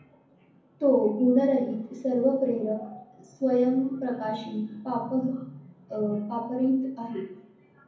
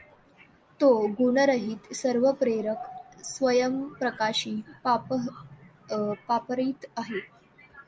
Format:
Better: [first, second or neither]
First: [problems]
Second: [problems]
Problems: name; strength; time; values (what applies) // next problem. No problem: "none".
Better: second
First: room echo; dies away in 0.7 s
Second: none